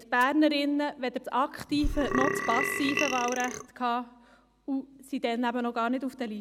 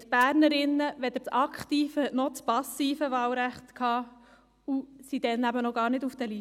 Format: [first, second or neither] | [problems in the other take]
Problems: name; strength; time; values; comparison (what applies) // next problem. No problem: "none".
second | background sound (Burping, eructation); 2 dB below the speech